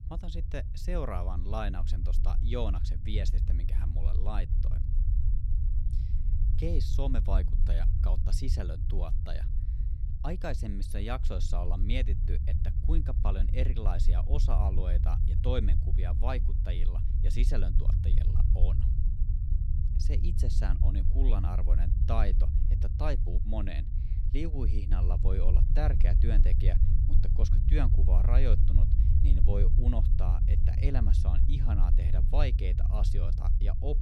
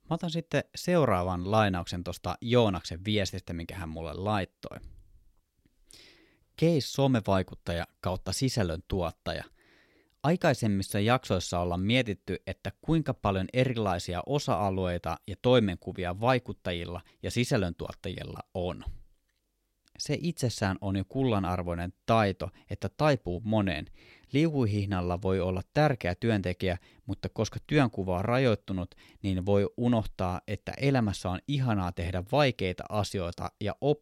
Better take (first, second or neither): second